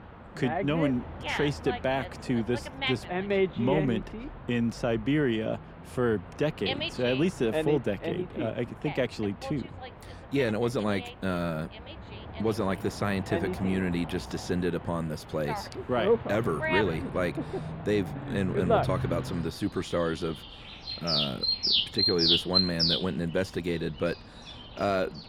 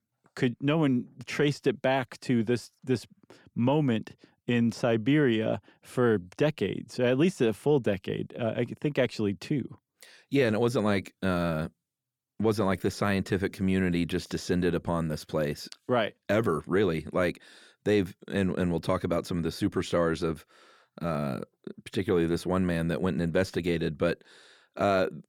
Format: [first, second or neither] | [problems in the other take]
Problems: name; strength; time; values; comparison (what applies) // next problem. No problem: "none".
second | animal sounds; very loud; throughout; as loud as the speech